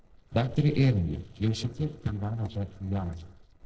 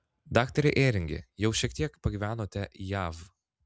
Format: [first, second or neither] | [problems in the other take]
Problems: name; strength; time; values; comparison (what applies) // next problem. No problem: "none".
second | noise reduction (neural separator model SepFormer DNS4)